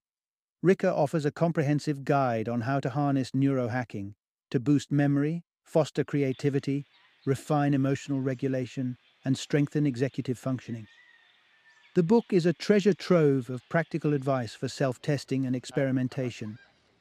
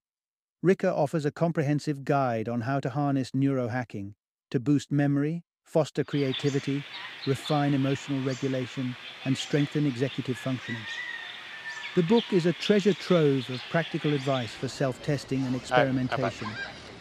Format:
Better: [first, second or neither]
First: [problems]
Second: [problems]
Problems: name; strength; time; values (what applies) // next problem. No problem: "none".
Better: first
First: animal sounds; faint; from 6 s on; 30 dB below the speech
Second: animal sounds; loud; from 6 s on; 8 dB below the speech